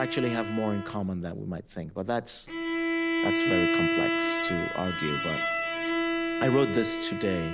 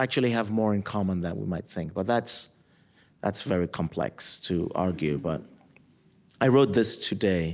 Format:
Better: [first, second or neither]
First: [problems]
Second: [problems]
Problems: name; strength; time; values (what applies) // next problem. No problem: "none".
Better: second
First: background sound (Bowed string instrument); 1 dB above the speech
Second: none